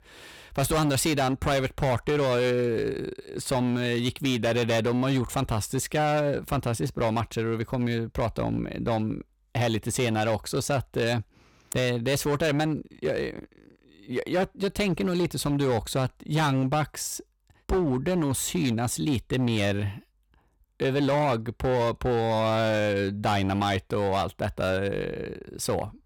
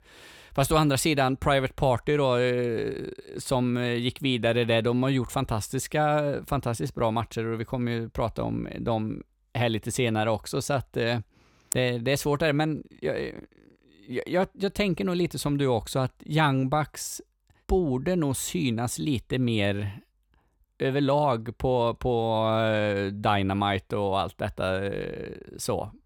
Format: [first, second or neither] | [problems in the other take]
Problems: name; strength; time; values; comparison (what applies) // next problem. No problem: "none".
second | distortion; slight; 12% of the sound clipped